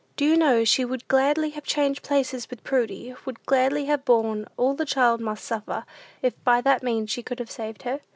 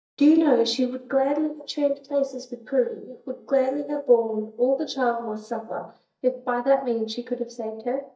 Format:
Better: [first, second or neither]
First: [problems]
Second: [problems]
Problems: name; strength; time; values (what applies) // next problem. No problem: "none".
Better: first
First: none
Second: noise reduction (neural mask model DeepFilterNet 3)